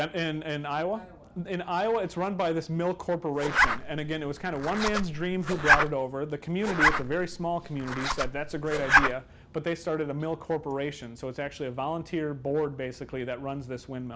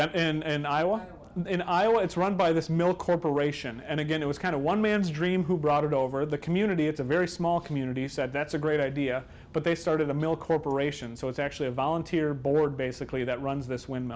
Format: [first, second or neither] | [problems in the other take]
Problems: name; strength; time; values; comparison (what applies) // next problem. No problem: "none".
second | background sound (Zipper (clothing)); 3 dB above the speech